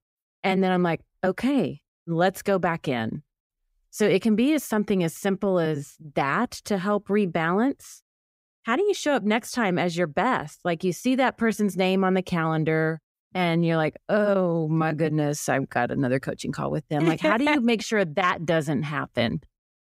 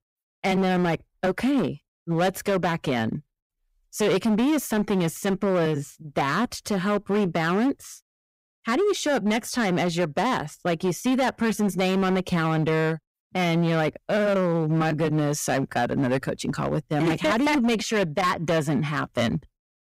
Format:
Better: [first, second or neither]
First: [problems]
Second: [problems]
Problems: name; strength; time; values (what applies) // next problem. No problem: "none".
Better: first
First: none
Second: distortion; slight; 14% of the sound clipped